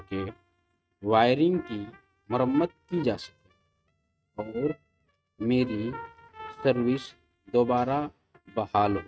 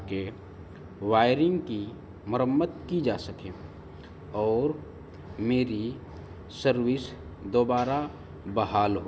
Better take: second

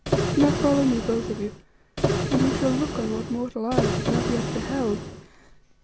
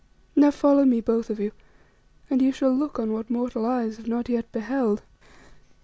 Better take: second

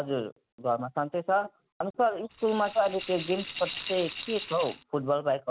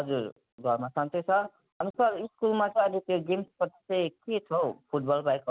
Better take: second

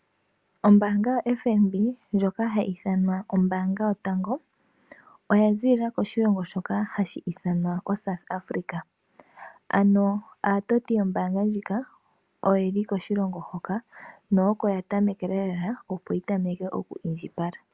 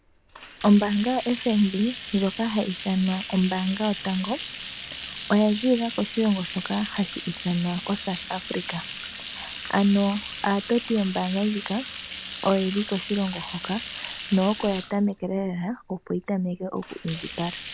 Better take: first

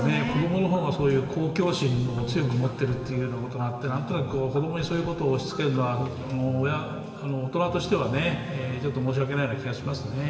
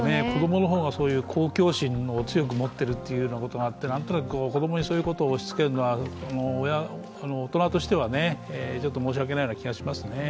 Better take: second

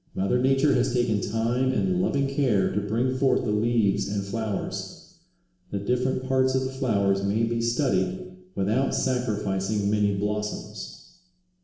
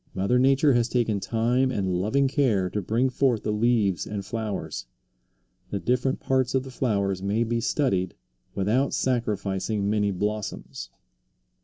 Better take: second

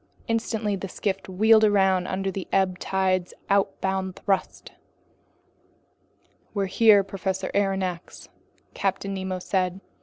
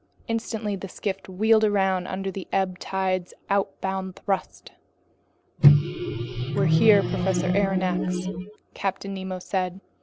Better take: first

